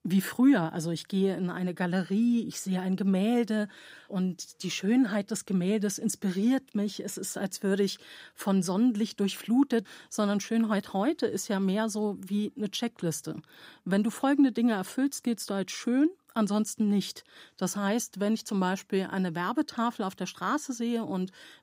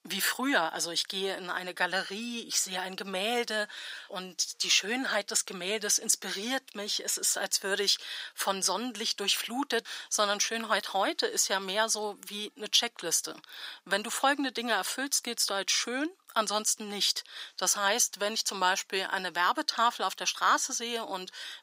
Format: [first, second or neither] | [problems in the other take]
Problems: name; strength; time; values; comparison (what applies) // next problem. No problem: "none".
first | thin; very; fading below 750 Hz